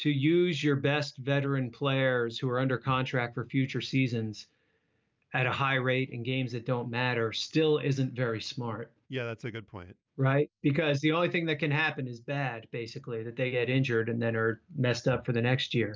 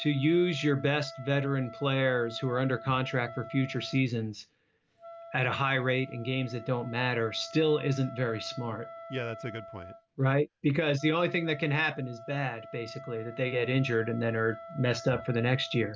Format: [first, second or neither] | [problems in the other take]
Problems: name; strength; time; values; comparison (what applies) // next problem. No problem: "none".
first | background sound (Wind instrument, woodwind instrument); 16 dB below the speech